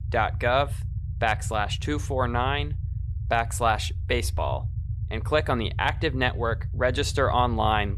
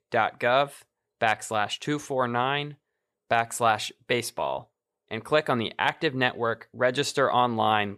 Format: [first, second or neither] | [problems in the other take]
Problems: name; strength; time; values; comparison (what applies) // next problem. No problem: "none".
second | low rumble; faint; throughout; 20 dB below the speech